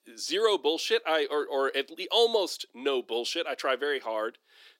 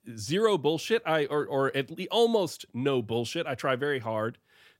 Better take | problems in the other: second | thin; somewhat; fading below 300 Hz

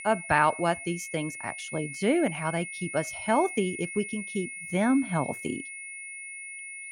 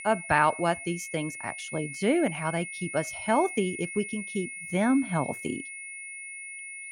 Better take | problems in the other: neither | high-pitched whine; loud; throughout; 2 kHz, 9 dB below the speech; the same in both

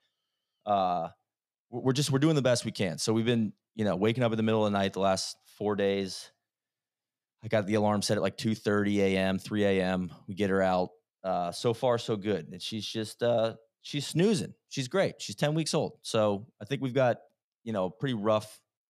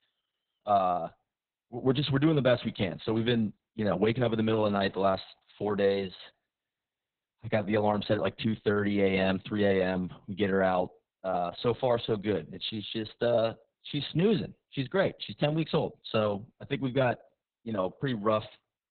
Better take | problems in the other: first | garbled, watery; badly; nothing above 4 kHz

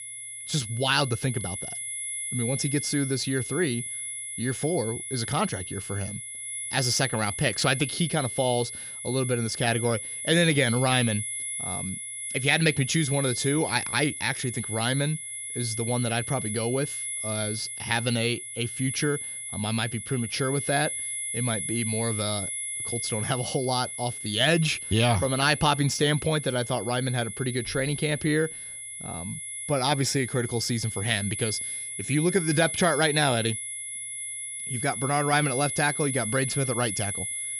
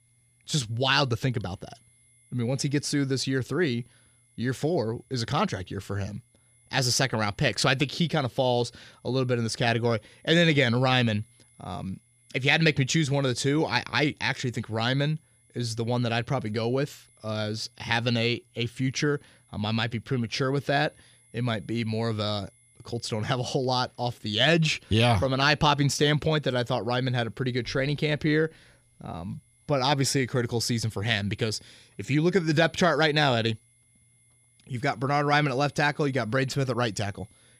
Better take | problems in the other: second | high-pitched whine; loud; throughout; 10.5 kHz, 5 dB below the speech; faint in the second

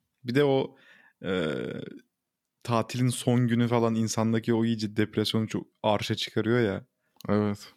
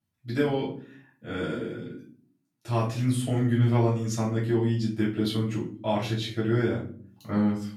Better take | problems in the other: first | off-mic speech; far // room echo; noticeable; dies away in 0.4 s

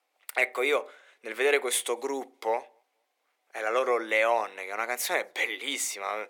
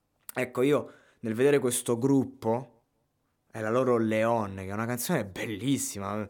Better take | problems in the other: second | thin; very; fading below 450 Hz

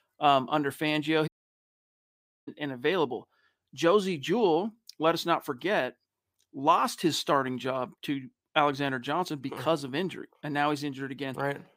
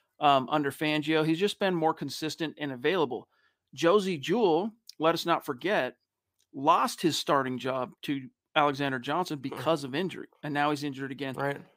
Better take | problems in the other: second | audio cutting out; at 1.5 s for 1 s

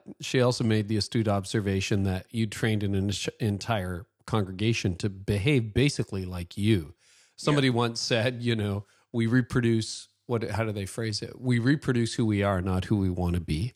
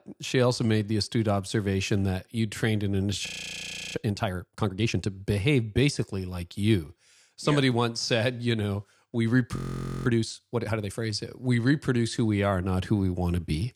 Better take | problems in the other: first | audio freezing; at 3.5 s for 0.5 s and at 9.5 s for 0.5 s

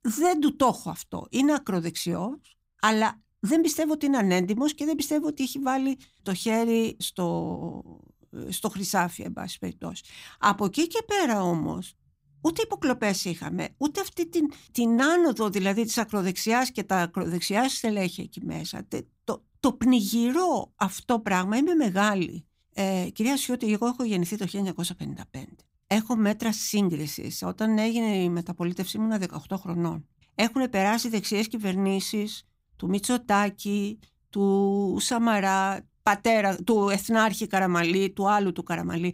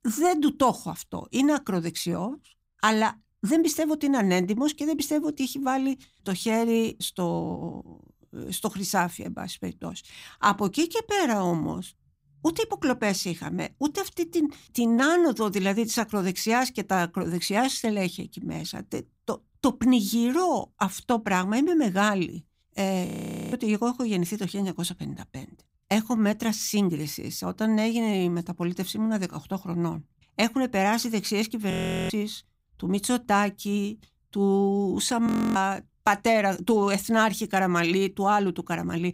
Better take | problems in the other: first | audio freezing; at 23 s, at 32 s and at 35 s

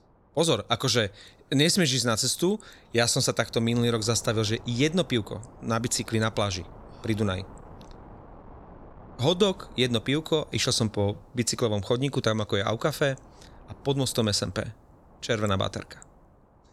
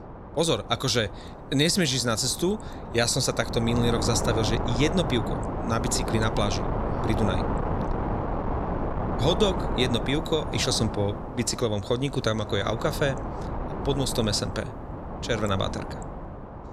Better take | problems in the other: first | wind noise on the microphone; heavy; 6 dB below the speech; occasional gusts in the first

